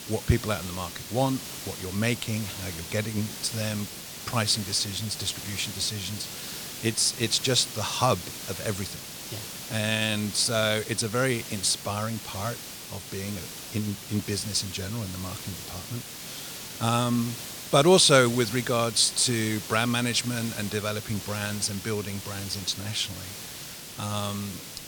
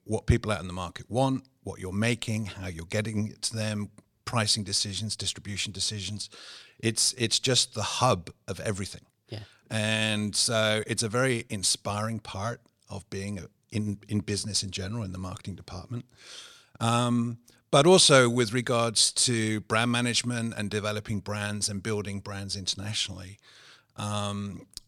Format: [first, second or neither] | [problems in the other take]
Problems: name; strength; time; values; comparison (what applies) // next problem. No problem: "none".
second | hiss; loud; throughout; 10 dB below the speech